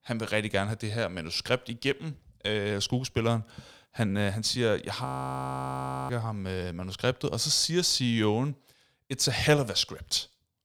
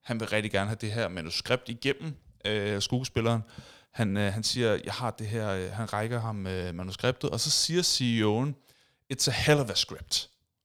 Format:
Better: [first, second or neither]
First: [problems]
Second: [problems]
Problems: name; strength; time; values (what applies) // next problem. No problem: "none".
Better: second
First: audio freezing; at 5 s for 1 s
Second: none